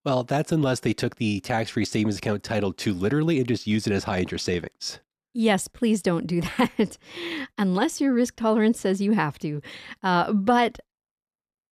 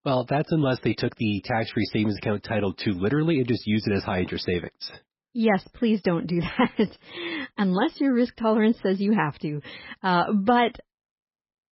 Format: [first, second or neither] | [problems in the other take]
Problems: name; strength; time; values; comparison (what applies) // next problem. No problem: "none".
first | garbled, watery; badly; nothing above 5.5 kHz